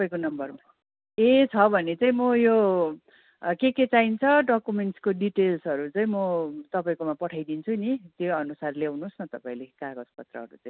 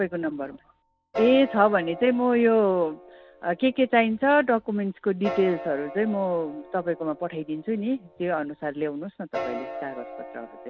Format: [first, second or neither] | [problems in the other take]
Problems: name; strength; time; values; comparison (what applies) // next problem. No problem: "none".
first | background sound (Piano); 14 dB below the speech